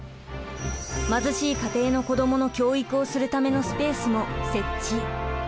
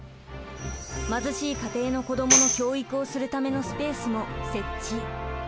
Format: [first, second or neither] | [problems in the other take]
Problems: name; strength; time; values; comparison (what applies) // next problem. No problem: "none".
first | background sound (Tambourine); 4 dB above the speech